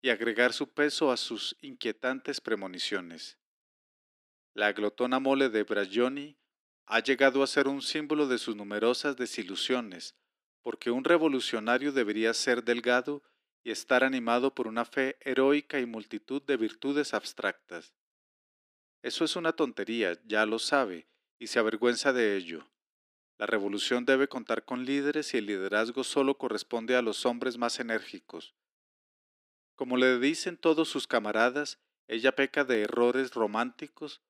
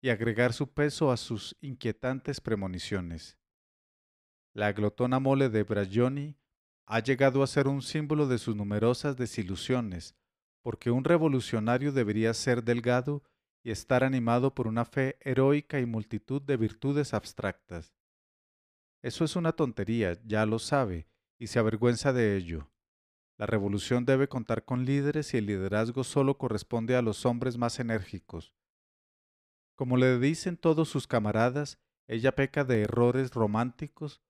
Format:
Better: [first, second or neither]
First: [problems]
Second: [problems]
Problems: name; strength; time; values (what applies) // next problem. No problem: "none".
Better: second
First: thin; very slightly; fading below 300 Hz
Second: none